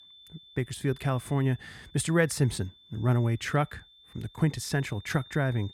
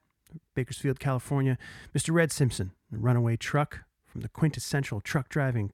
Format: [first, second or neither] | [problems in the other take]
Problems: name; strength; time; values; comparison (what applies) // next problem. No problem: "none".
second | high-pitched whine; faint; throughout; 3.5 kHz, 25 dB below the speech